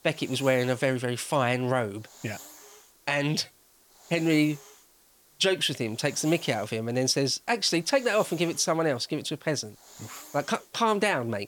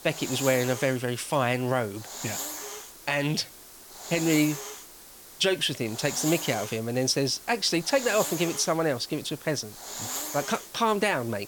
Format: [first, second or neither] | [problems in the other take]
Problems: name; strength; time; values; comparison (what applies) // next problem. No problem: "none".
first | hiss; loud; throughout; 10 dB below the speech; faint in the first